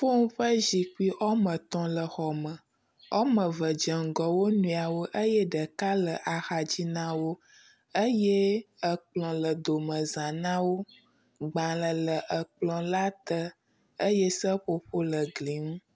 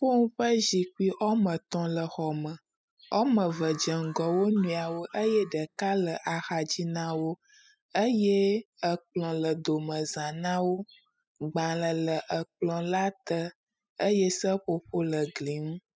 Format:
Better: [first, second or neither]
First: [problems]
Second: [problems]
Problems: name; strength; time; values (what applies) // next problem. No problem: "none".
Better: first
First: none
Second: noise reduction (classical method spectral subtraction)